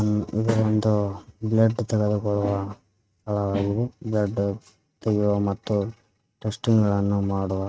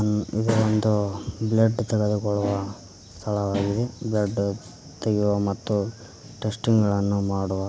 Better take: second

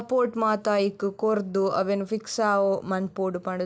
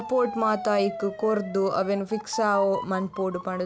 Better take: first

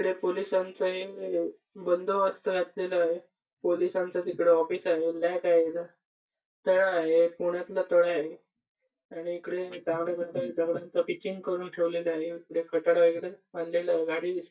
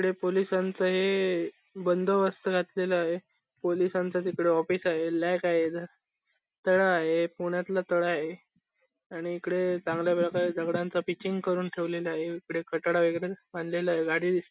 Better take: second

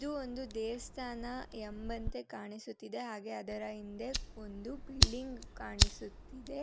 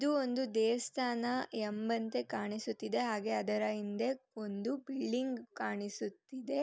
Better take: second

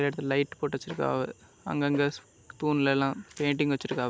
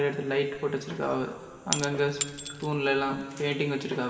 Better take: first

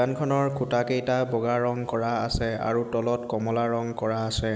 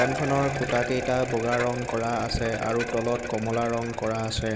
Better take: first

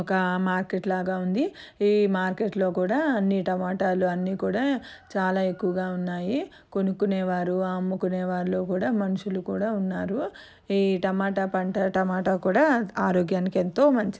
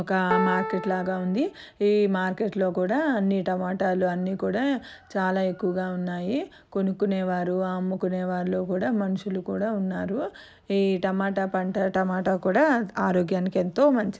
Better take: first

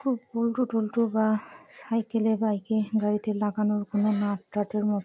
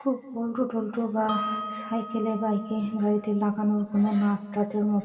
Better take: first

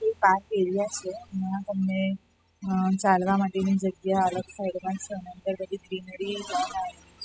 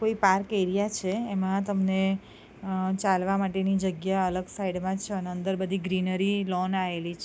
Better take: second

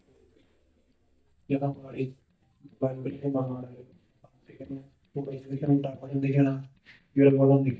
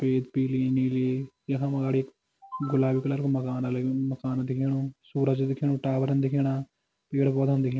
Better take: second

